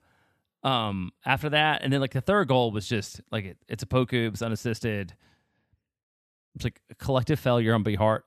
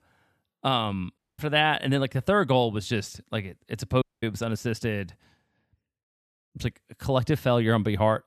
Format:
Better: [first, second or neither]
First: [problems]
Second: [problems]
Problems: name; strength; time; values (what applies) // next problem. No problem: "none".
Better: first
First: none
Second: audio cutting out; at 1 s and at 4 s